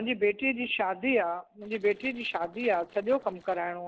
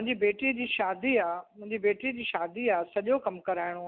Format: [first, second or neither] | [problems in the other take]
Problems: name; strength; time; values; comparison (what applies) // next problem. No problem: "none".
second | noise reduction (neural separator model SepFormer DNS4)